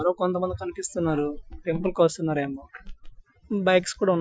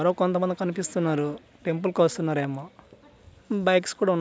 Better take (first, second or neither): second